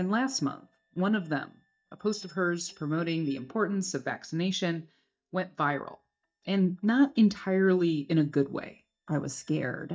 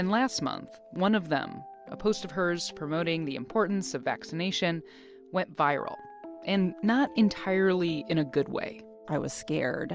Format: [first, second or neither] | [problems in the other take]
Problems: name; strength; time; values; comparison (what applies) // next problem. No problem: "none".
second | noise reduction (neural mask model DeepFilterNet 3)